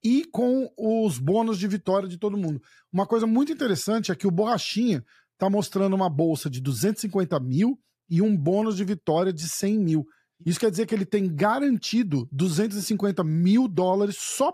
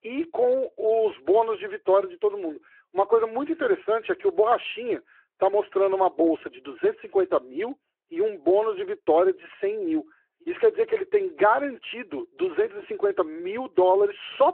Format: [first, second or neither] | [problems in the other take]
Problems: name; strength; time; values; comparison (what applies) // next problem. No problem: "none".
first | phone-call audio